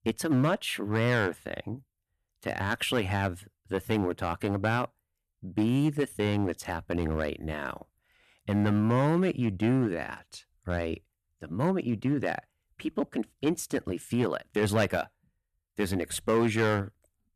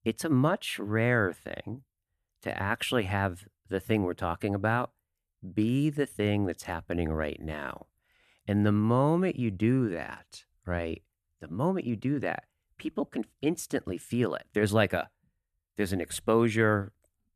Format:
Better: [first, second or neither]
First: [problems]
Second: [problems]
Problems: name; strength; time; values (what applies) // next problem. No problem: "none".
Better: second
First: distortion; slight; 4% of the sound clipped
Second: none